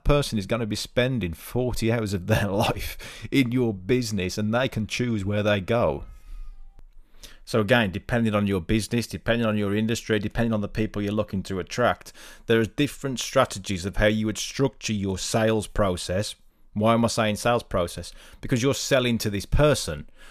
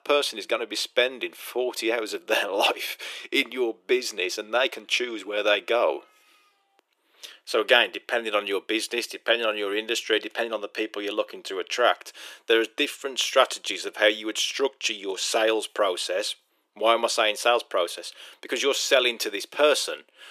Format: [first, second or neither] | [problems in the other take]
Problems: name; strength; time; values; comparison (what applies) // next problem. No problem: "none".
first | thin; very; fading below 350 Hz